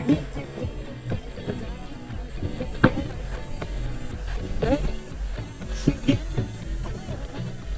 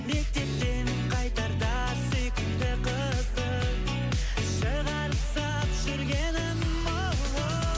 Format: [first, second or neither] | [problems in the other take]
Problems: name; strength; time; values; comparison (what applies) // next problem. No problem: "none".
second | noise reduction (neural mask model DeepFilterNet 3)